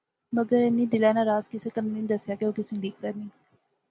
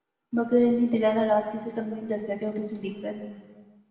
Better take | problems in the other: first | room echo; dies away in 1.2 s

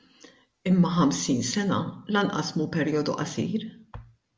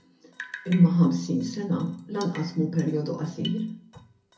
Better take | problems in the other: first | background sound (Drip); 20 dB below the speech // room echo; dies away in 0.3 s

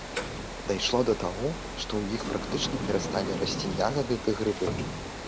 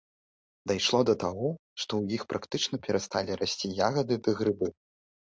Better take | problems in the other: second | background sound (Sliding door + Water); 4 dB below the speech

